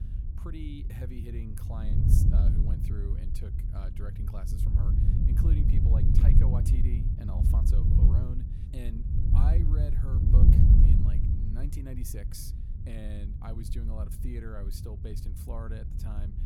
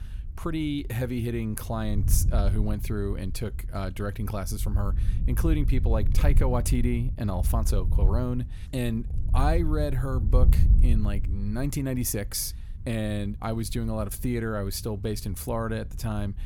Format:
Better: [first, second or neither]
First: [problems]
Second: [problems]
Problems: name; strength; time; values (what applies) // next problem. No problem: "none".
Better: second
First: wind noise on the microphone; heavy; 4 dB above the speech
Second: wind noise on the microphone; occasional gusts; 15 dB below the speech